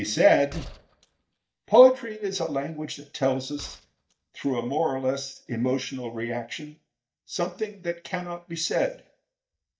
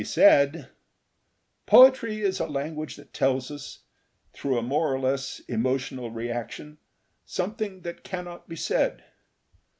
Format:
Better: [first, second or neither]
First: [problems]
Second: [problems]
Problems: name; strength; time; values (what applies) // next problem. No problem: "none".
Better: second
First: noise reduction (neural mask model DeepFilterNet 3)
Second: none